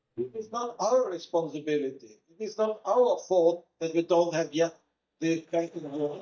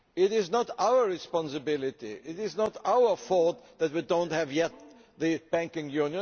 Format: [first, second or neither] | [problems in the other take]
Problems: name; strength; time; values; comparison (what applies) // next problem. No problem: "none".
second | noise reduction (neural mask model DeepFilterNet 3)